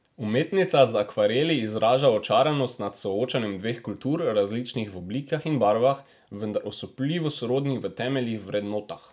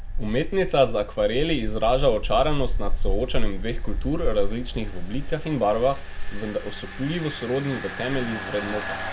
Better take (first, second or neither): first